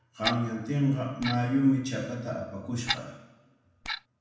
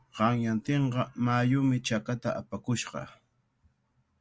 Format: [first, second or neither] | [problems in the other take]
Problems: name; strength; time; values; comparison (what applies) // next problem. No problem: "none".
second | background sound (Clock); 7 dB below the speech // room echo; dies away in 0.9 s